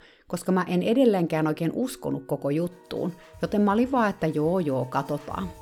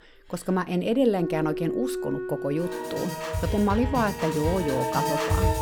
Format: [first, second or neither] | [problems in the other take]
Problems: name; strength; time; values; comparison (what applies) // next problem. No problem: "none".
first | background music; loud; throughout; 2 dB below the speech; faint in the first